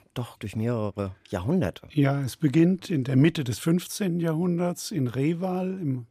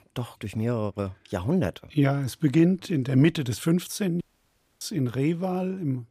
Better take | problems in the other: first | audio cutting out; at 4 s for 0.5 s

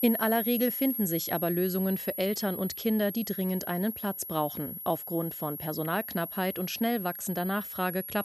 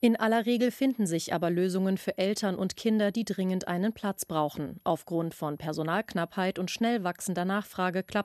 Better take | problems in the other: second | high-pitched whine; loud; throughout; 11.5 kHz, 5 dB below the speech; faint in the second

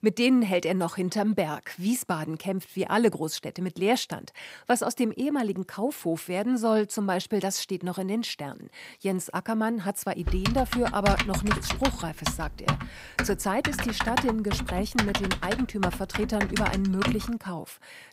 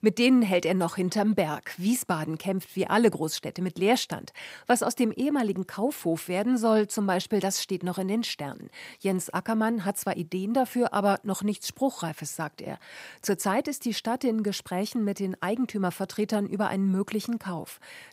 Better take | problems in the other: second | keyboard typing; loud; from 10 to 17 s; peak 2 dB above the speech

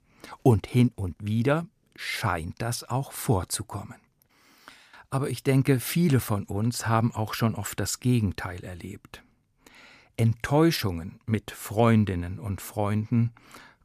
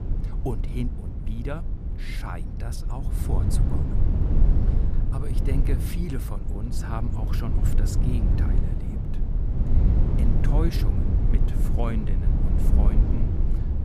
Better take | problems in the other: first | low rumble; loud; throughout; as loud as the speech

